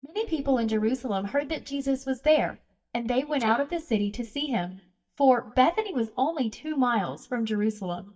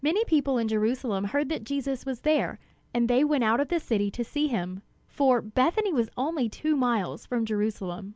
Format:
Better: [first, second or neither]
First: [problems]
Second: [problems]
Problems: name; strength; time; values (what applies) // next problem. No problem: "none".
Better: second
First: noise reduction (neural mask model DeepFilterNet 3)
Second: none